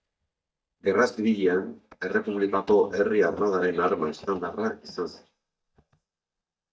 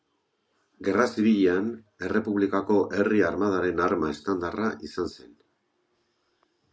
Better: second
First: noise reduction (neural mask model DeepFilterNet 3)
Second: none

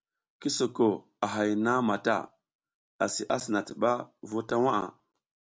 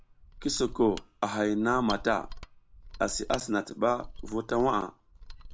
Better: first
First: none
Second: background sound (Mechanisms); 14 dB below the speech

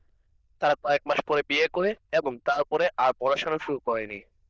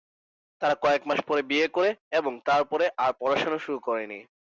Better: second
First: noise reduction (neural diffusion model UNIVERSE++)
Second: none

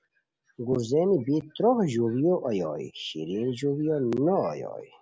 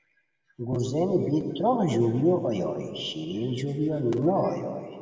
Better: first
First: none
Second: room echo; dies away in 2.2 s

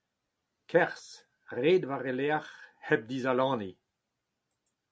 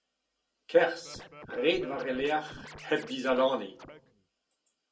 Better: first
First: none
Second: background sound (Scratching (performance technique)); 17 dB below the speech // room echo; dies away in 0.2 s

